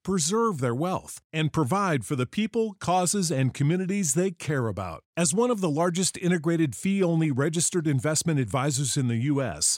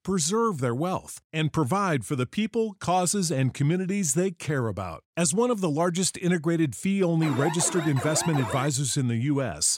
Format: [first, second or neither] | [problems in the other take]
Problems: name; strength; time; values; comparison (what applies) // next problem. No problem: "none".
first | alarm; noticeable; from 7 to 8.5 s; peak 6 dB below the speech